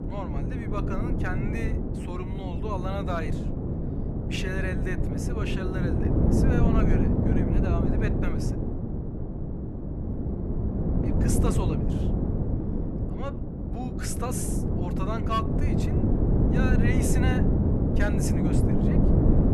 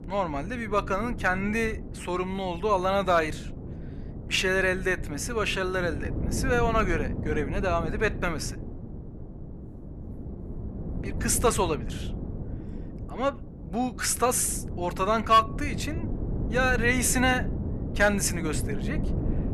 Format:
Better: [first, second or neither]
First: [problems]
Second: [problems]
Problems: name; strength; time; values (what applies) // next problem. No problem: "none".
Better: second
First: wind noise on the microphone; heavy; 1 dB above the speech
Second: wind noise on the microphone; occasional gusts; 15 dB below the speech